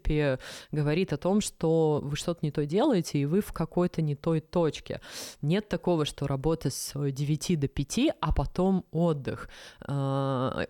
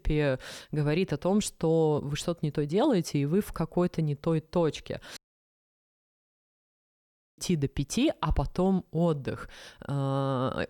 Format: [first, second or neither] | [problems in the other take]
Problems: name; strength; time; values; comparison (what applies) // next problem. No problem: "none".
first | audio cutting out; at 5 s for 2 s